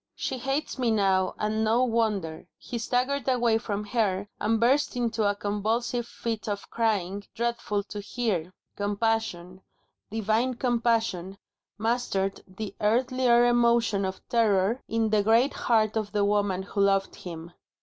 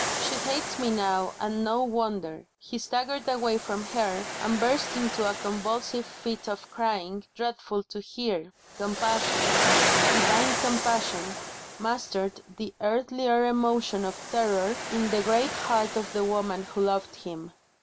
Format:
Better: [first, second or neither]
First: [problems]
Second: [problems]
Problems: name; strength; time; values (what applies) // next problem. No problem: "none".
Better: first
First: none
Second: background sound (Waves, surf); 4 dB below the speech